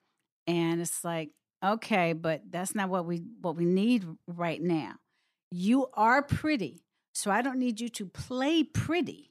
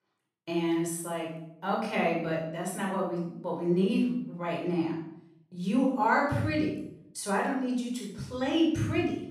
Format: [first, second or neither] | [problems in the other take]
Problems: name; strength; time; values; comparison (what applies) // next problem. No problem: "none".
first | off-mic speech; far // room echo; noticeable; dies away in 0.6 s